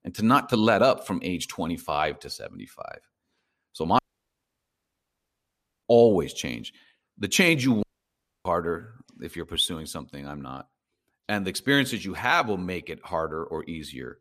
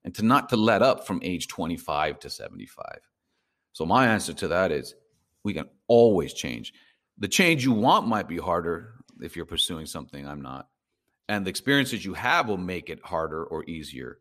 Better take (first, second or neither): second